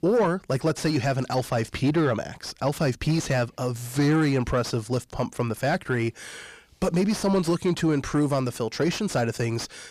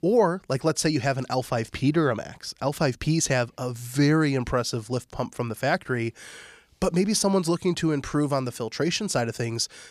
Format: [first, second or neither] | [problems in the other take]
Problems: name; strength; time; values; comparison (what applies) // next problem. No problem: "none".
second | distortion; slight; 10 dB below the speech